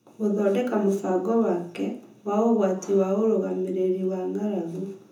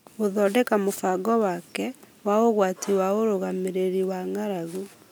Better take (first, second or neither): second